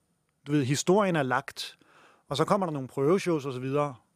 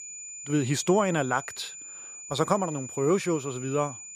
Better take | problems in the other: first | high-pitched whine; noticeable; throughout; 7 kHz, 10 dB below the speech

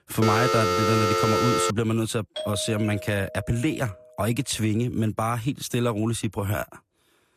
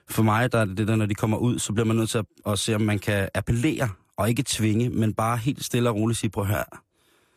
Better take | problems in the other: second | phone ringing; loud; until 1.5 s; peak 3 dB above the speech // doorbell; noticeable; from 2.5 to 4 s; peak 7 dB below the speech

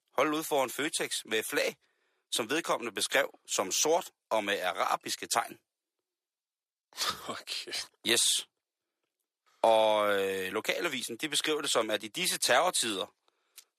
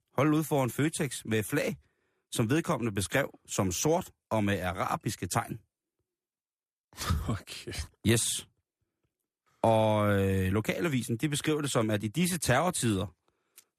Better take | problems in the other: second | thin; very; fading below 550 Hz

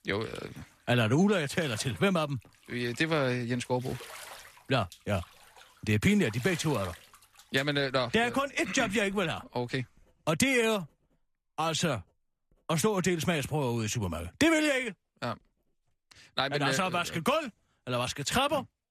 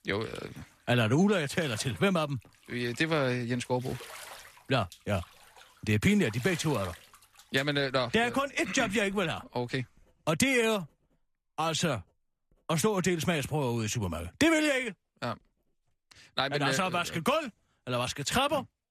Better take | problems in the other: neither | household noises; faint; throughout; 20 dB below the speech; the same in both

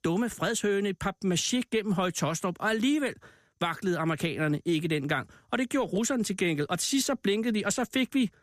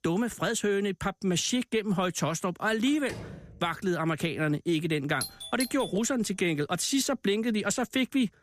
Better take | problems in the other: first | door banging; faint; at 3 s; peak 15 dB below the speech // doorbell; noticeable; at 5 s; peak 7 dB below the speech

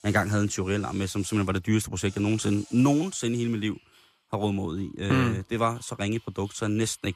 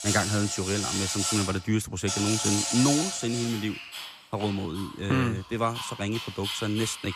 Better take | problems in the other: first | animal sounds; loud; throughout; 2 dB below the speech; faint in the first

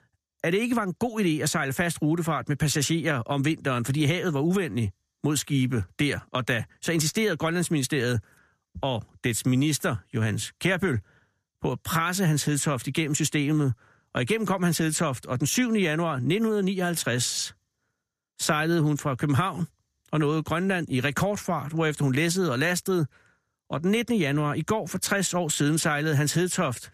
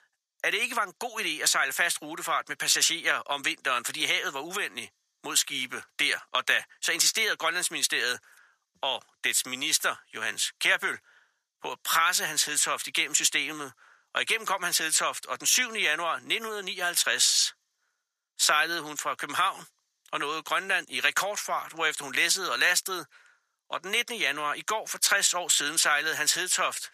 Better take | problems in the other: first | thin; very; fading below 950 Hz

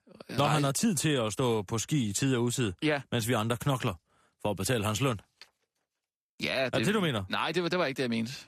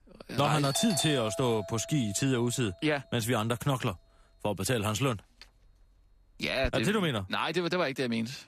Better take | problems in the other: first | doorbell; noticeable; from 0.5 to 6.5 s; peak 1 dB below the speech

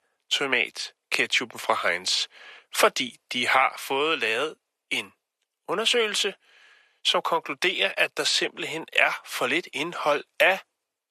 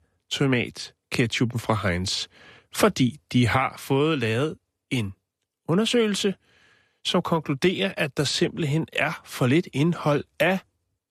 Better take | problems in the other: second | thin; very; fading below 650 Hz

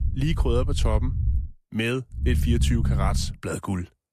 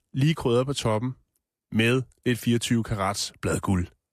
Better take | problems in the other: second | low rumble; noticeable; until 1.5 s and from 2 to 3.5 s; 10 dB below the speech

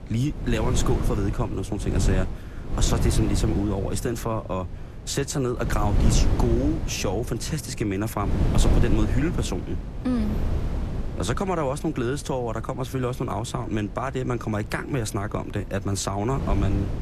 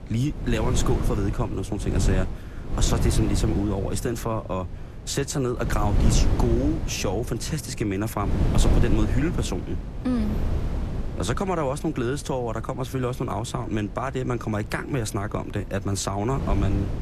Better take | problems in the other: neither | wind noise on the microphone; heavy; 8 dB below the speech; the same in both

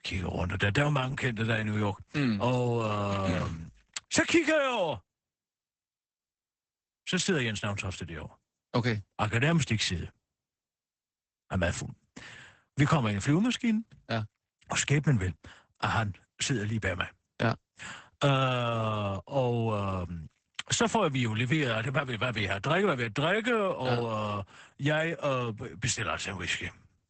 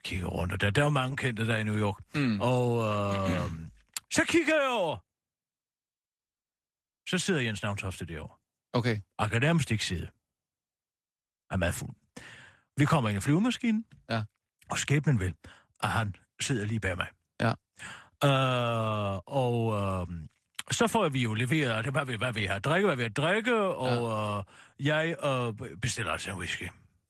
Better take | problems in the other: second | garbled, watery; badly; nothing above 8 kHz; slightly in the second

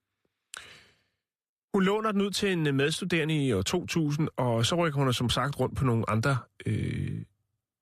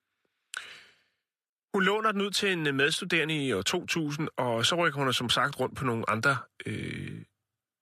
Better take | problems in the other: first | thin; somewhat; fading below 300 Hz

